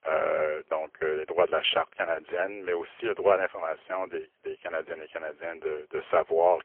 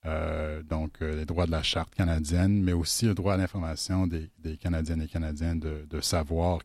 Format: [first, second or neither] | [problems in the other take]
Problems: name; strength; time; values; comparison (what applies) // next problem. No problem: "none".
second | phone-call audio; poor line; nothing above 3 kHz